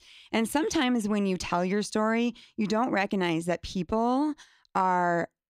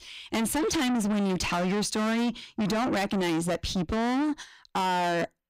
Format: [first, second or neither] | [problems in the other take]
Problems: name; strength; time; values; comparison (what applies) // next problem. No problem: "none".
first | distortion; heavy; 6 dB below the speech